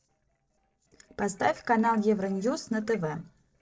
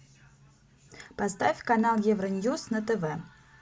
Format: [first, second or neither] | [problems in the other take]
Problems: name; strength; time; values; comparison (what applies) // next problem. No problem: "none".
second | noise reduction (neural separator model SepFormer DNS4)